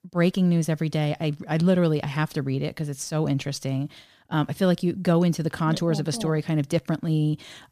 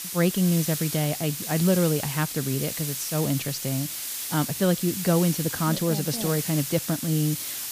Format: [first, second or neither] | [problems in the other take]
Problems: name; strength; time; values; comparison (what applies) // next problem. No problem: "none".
first | hiss; loud; throughout; 4 dB below the speech